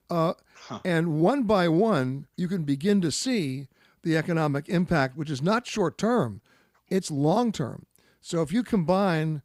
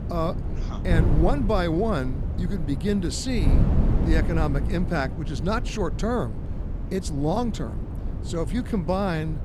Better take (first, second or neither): first